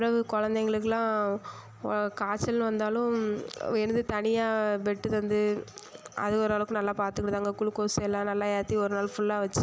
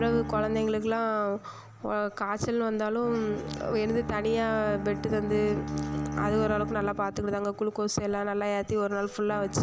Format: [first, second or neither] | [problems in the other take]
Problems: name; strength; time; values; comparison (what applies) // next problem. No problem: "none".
first | background sound (Bowed string instrument); 8 dB below the speech